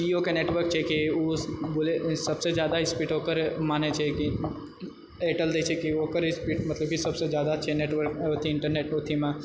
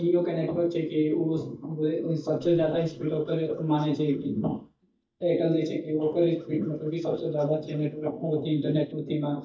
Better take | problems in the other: first | noise reduction (neural mask model DeepFilterNet 3)

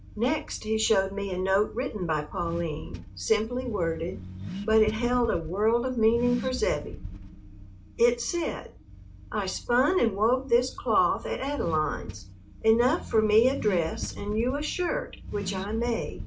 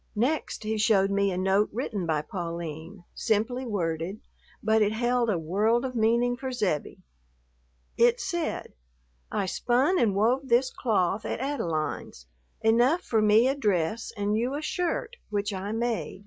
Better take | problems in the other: second | background sound (Accelerating, revving, vroom / Car); 12 dB below the speech // room echo; dies away in 0.3 s

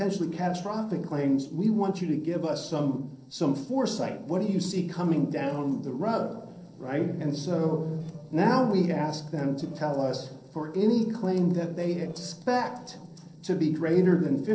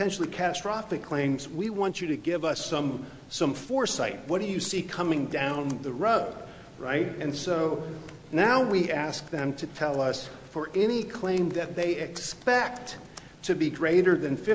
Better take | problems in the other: second | noise reduction (neural separator model SepFormer DNS4)

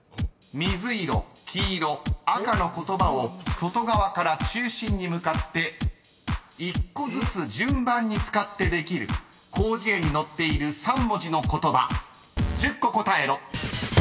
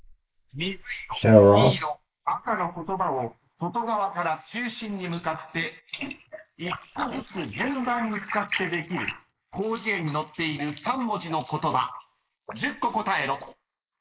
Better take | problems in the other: first | noise reduction (neural mask model Resemble Enhance denoiser)

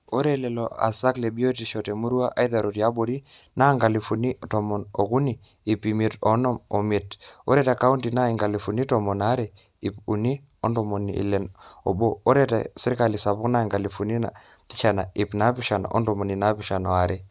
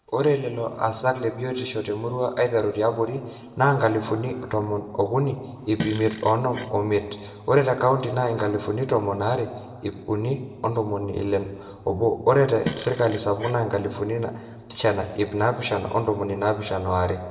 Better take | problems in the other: first | background sound (Fart); 11 dB below the speech // room echo; dies away in 1.4 s

